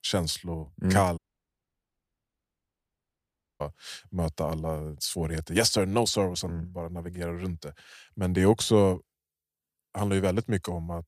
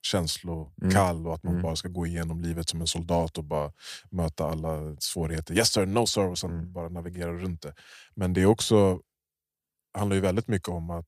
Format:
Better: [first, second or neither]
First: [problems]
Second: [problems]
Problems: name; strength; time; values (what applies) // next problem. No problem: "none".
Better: second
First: audio cutting out; at 1 s for 2.5 s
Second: none